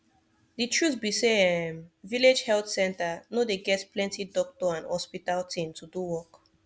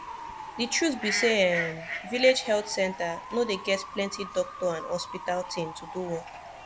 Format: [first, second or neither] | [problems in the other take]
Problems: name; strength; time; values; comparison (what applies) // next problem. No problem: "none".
first | background sound (Bird / Fowl); 9 dB below the speech